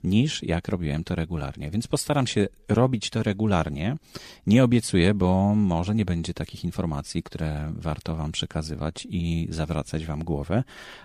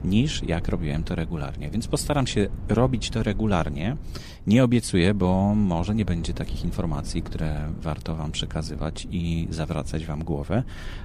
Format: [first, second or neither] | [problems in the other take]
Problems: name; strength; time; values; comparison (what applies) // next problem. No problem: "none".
first | wind noise on the microphone; occasional gusts; 20 dB below the speech